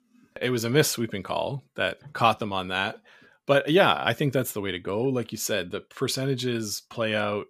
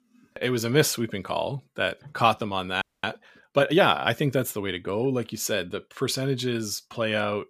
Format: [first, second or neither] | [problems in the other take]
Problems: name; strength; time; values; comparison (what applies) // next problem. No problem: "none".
first | audio freezing; at 3 s